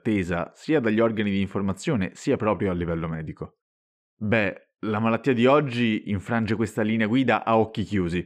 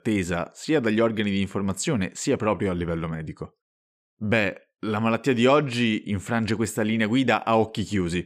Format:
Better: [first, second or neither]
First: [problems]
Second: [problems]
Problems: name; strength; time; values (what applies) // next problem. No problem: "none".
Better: second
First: muffled; slightly; fading above 4 kHz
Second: none